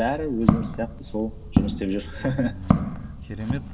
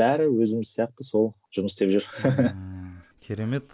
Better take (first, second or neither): second